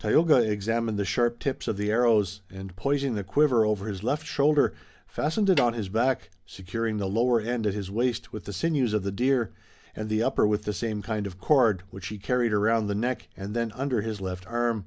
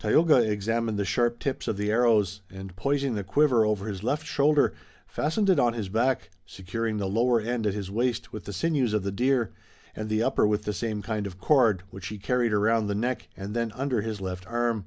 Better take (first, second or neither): second